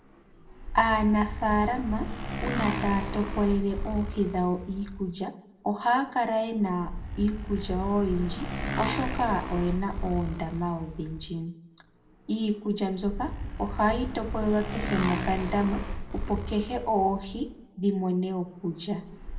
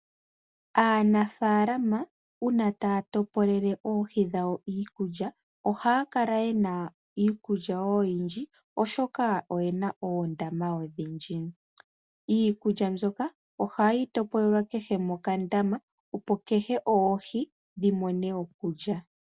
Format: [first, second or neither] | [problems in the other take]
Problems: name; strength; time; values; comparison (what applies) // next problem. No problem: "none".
second | background sound (Motorcycle); 6 dB below the speech // room echo; dies away in 0.4 s